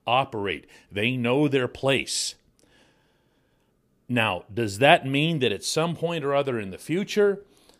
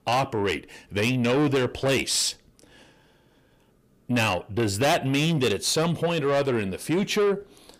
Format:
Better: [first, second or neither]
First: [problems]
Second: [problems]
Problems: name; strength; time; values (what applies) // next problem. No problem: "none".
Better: first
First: none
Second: distortion; heavy; 6 dB below the speech